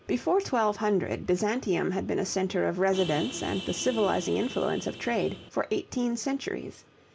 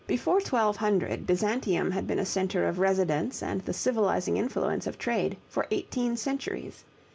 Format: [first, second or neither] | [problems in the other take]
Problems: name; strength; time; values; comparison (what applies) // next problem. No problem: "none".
second | background sound (Vehicle horn, car horn, honking); 11 dB below the speech